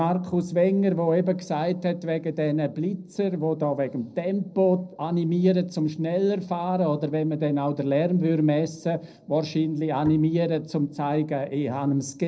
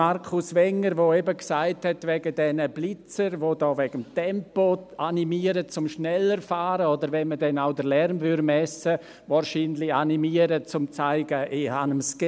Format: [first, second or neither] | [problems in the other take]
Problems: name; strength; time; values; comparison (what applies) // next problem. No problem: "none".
second | noise reduction (neural separator model SepFormer DNS4)